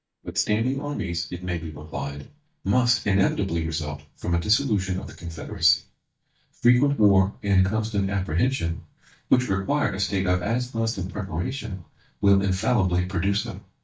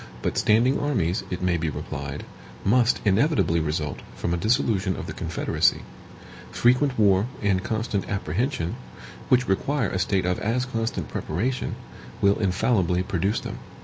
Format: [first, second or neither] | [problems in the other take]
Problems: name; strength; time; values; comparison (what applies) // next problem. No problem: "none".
second | noise reduction (neural mask model DeepFilterNet 3)